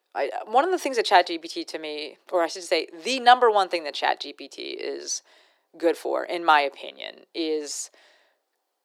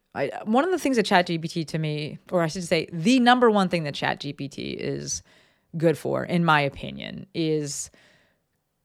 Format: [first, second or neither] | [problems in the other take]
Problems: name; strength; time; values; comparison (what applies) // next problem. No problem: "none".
second | thin; very; fading below 350 Hz